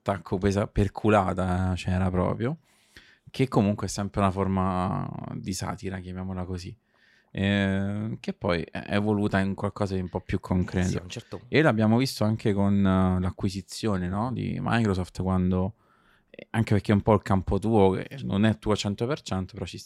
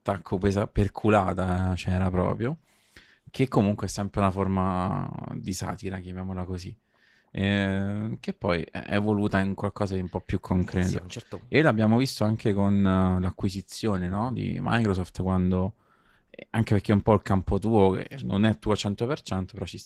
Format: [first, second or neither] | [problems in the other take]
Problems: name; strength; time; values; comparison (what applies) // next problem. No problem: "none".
first | garbled, watery; slightly; nothing above 16 kHz